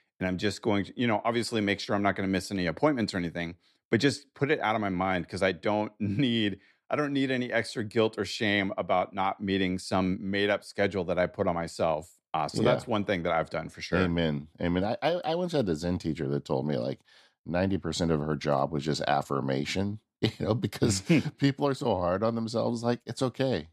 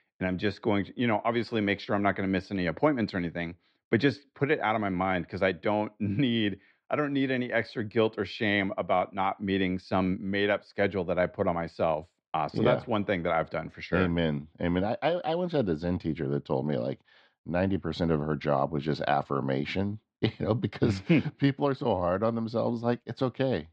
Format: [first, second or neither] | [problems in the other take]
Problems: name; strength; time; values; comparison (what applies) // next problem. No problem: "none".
first | muffled; slightly; fading above 3.5 kHz